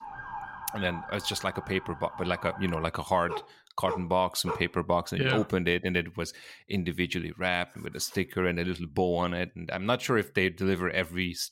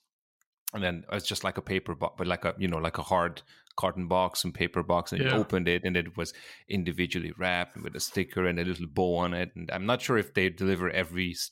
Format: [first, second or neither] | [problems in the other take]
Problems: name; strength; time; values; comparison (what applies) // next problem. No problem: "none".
second | siren; noticeable; until 3 s; peak 9 dB below the speech // dog barking; noticeable; from 3.5 to 4.5 s; peak 8 dB below the speech